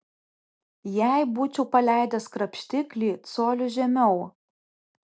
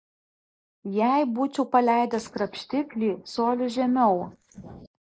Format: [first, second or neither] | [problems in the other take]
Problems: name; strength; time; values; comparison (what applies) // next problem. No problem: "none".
first | noise reduction (neural mask model Resemble Enhance denoiser)